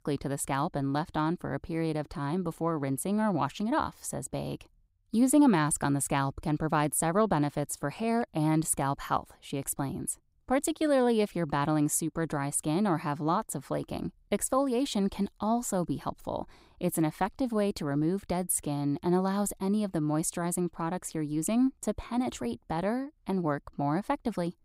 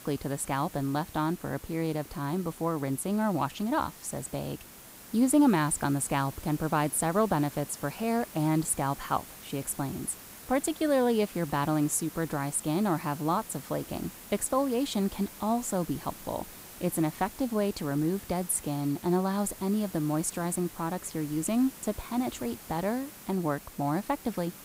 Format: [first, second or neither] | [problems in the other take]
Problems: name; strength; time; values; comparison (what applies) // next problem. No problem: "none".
first | hiss; noticeable; throughout; 15 dB below the speech